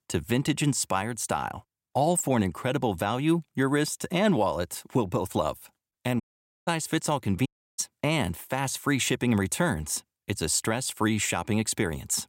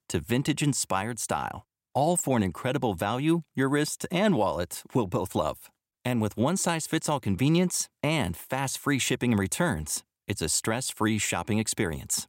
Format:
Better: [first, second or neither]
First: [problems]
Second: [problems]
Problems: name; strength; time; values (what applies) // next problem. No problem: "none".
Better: second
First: audio cutting out; at 6 s and at 7.5 s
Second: none